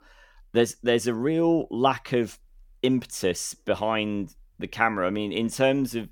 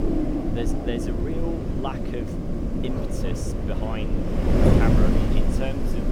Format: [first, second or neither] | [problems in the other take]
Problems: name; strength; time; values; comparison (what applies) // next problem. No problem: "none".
first | wind noise on the microphone; heavy; 4 dB above the speech